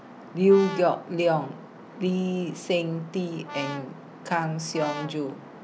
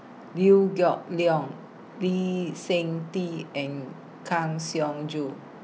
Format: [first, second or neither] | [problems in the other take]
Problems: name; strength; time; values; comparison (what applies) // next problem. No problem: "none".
second | background sound (Brass instrument); 14 dB below the speech